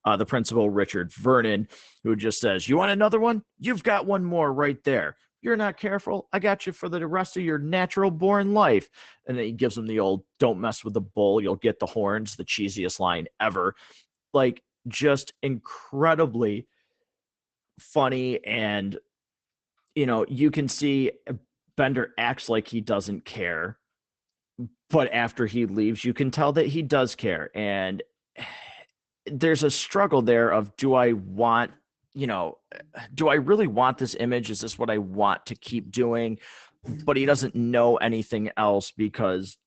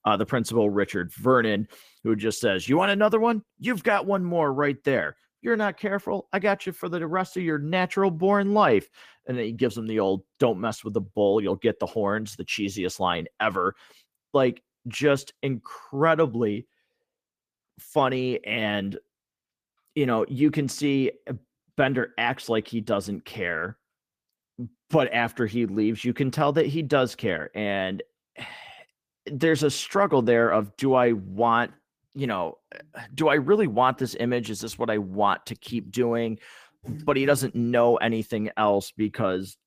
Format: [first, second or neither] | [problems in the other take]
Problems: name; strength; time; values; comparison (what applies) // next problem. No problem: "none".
second | garbled, watery; badly; nothing above 8 kHz; slightly in the second